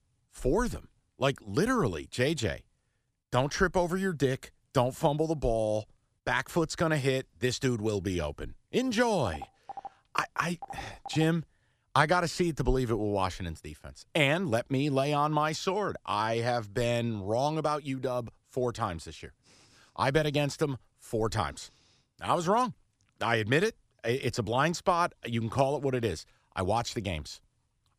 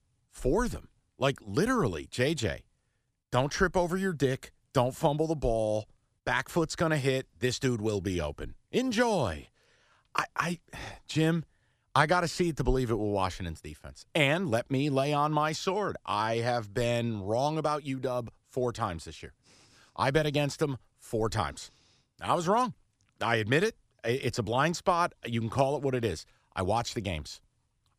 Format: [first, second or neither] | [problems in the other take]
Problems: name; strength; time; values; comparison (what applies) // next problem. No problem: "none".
second | phone ringing; faint; from 9.5 to 11 s; peak 15 dB below the speech